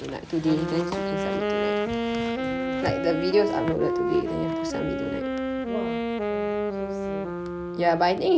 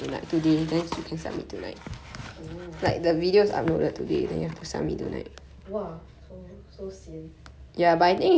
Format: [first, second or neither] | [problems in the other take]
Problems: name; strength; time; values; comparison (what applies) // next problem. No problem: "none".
second | background sound (Wind instrument, woodwind instrument); as loud as the speech